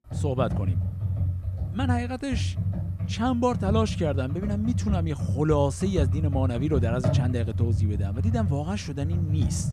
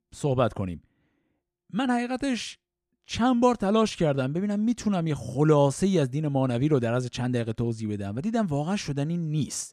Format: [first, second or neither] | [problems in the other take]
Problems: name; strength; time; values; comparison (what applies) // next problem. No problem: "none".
second | keyboard typing; loud; peak 4 dB above the speech